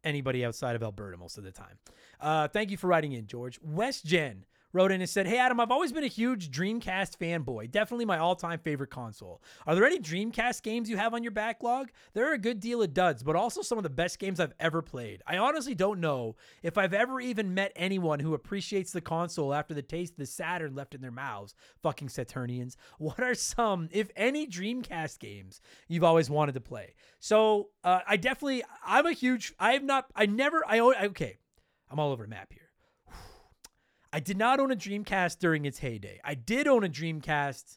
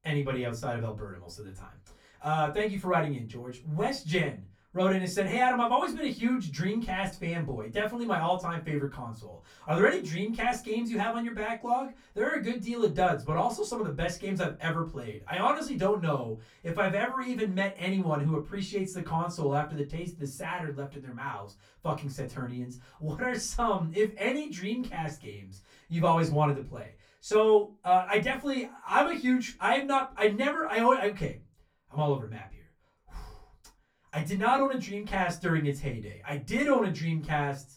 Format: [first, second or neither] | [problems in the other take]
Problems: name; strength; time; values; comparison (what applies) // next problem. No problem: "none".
first | off-mic speech; far // room echo; very slight; dies away in 0.2 s